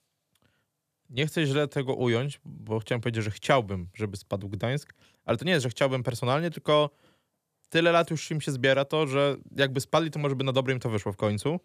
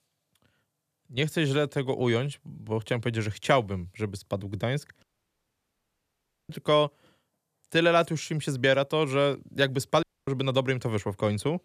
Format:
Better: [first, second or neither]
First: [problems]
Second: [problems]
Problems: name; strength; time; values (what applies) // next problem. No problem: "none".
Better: first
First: none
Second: audio cutting out; at 5 s for 1.5 s and at 10 s